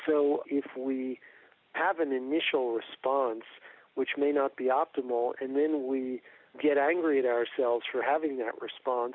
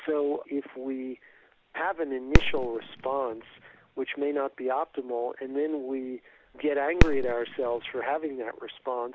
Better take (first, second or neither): first